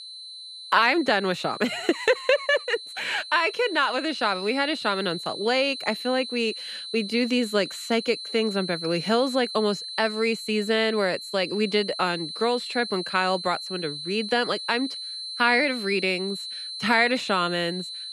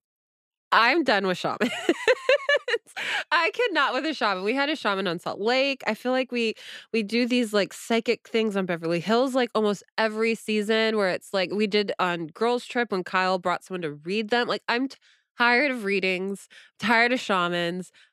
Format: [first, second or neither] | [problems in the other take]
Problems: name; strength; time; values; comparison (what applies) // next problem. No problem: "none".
second | high-pitched whine; loud; throughout; 4 kHz, 9 dB below the speech